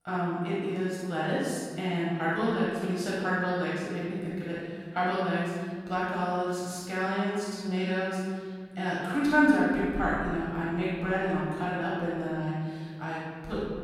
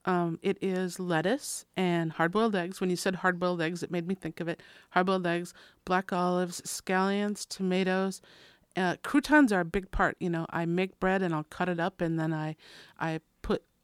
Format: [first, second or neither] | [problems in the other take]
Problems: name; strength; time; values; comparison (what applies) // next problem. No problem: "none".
second | room echo; strong; dies away in 1.8 s // off-mic speech; far